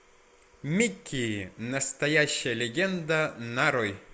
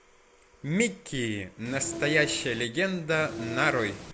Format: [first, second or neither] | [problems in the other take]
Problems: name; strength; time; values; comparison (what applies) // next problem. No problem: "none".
first | background sound (Train); 8 dB below the speech